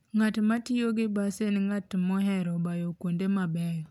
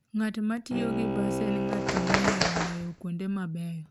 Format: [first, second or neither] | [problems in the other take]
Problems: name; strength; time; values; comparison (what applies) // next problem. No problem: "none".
first | background sound (Bird + Bowed string instrument); 1 dB above the speech